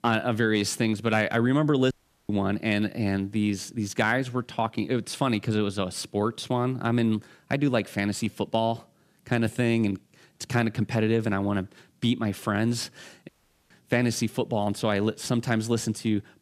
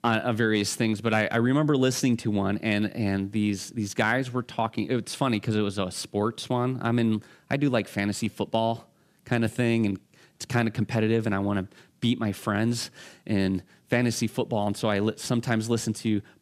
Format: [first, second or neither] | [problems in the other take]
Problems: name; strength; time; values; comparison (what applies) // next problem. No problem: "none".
second | audio cutting out; at 2 s and at 13 s